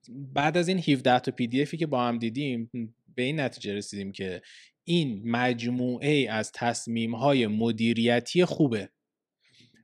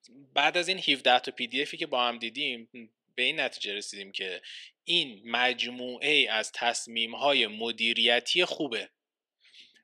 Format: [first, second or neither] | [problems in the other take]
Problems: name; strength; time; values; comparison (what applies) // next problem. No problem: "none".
first | thin; somewhat; fading below 500 Hz